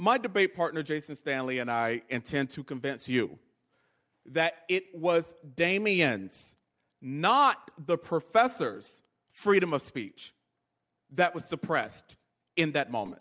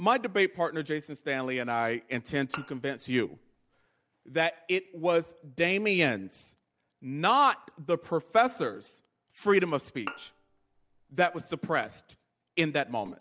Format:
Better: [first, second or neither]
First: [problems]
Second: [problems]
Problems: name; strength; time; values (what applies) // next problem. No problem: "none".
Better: first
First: none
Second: background sound (Bowed string instrument); 16 dB below the speech